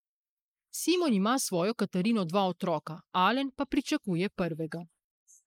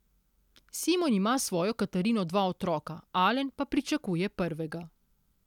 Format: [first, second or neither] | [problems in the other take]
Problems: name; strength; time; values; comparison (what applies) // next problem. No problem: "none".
second | noise reduction (neural mask model Resemble Enhance denoiser)